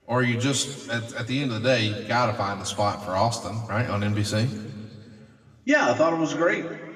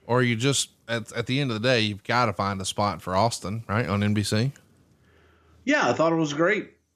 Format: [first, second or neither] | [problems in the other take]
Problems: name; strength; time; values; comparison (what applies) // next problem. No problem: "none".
second | room echo; slight; dies away in 1.7 s // off-mic speech; somewhat distant